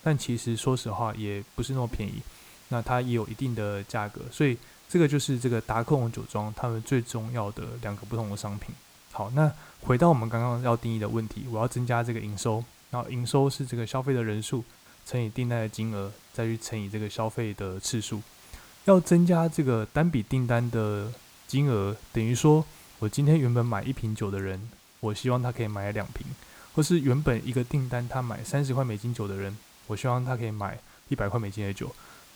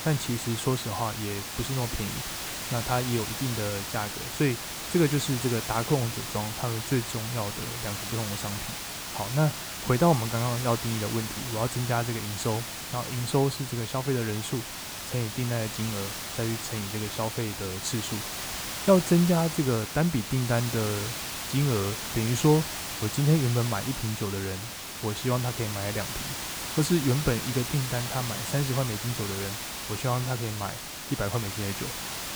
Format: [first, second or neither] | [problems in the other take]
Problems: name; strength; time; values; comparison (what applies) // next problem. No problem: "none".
first | hiss; loud; throughout; 4 dB below the speech; faint in the first